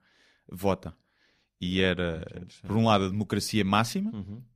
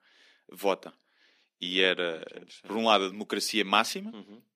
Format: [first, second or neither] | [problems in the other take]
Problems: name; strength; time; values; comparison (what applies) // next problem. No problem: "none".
first | thin; somewhat; fading below 250 Hz